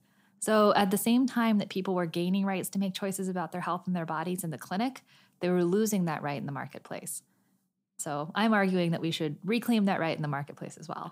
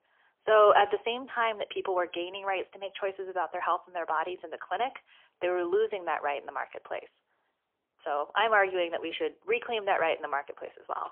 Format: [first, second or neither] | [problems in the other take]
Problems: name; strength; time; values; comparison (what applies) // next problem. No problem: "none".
first | phone-call audio; poor line; nothing above 3.5 kHz